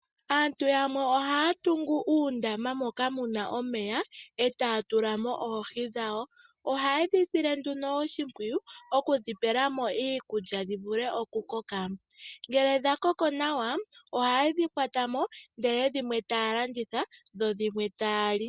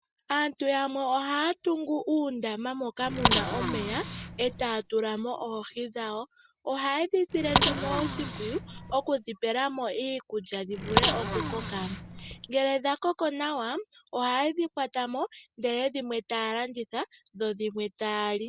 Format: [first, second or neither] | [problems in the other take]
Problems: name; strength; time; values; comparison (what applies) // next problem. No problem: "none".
first | background sound (Bicycle); 1 dB below the speech